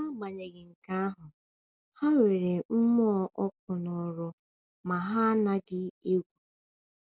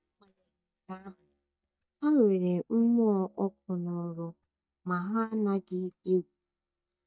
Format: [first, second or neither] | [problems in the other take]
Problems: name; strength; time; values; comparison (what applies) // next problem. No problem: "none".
first | noise reduction (neural mask model DeepFilterNet 3)